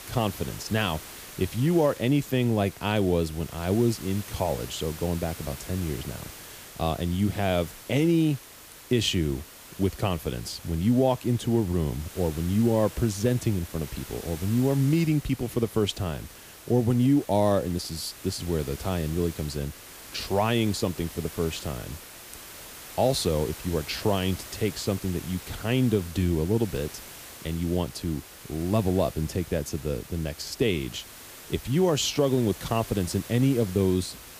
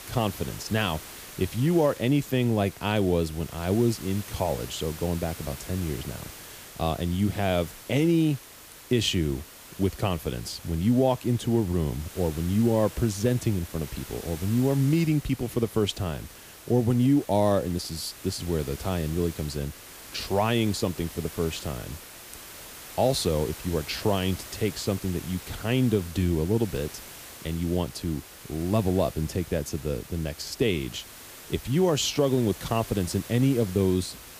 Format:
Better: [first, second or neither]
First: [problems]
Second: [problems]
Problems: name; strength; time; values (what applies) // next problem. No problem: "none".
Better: neither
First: hiss; noticeable; throughout; 15 dB below the speech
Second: hiss; noticeable; throughout; 15 dB below the speech